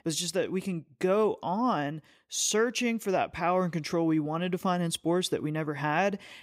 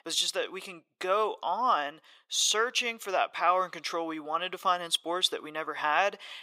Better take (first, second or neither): first